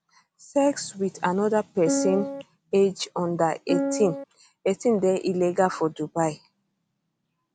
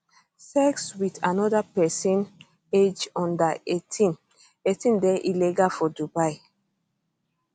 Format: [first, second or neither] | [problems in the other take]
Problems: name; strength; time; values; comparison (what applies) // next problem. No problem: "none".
second | background sound (Piano); 1 dB below the speech